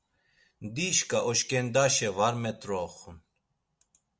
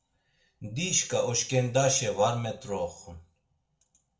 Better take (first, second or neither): first